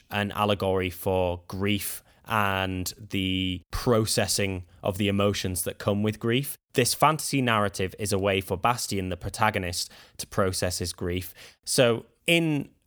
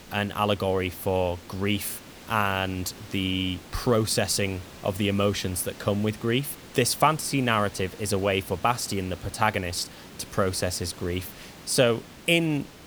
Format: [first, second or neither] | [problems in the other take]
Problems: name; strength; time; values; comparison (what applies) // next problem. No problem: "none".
first | hiss; noticeable; throughout; 20 dB below the speech